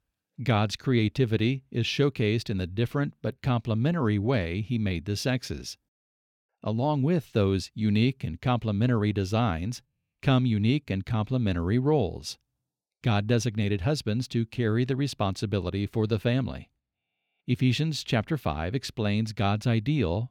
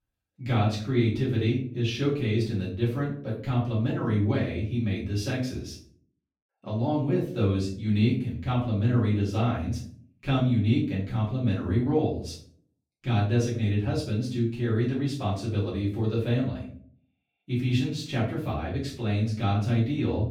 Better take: first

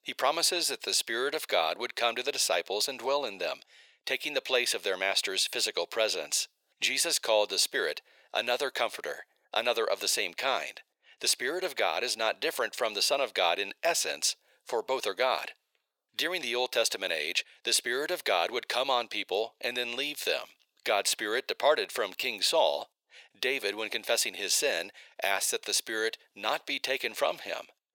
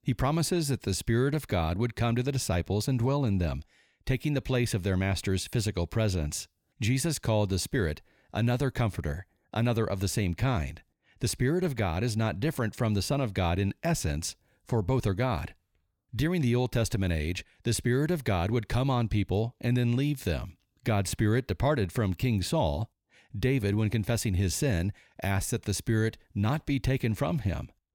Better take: second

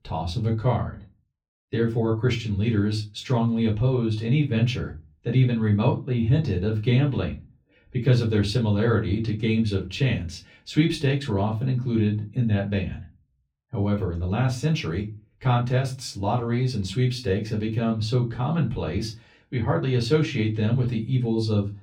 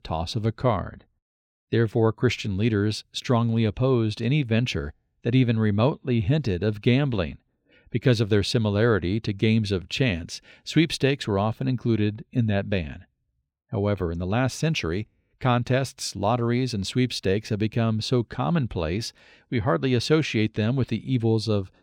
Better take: second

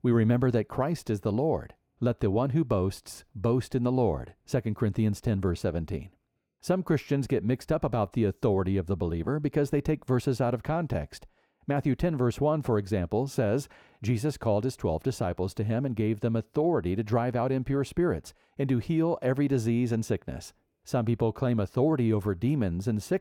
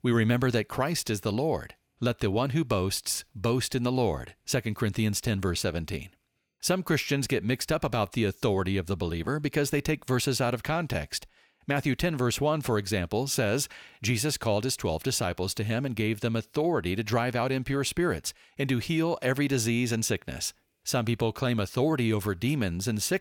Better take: second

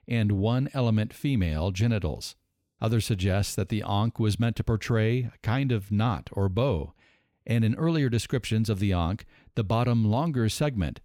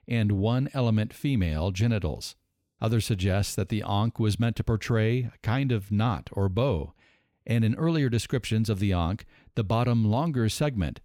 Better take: neither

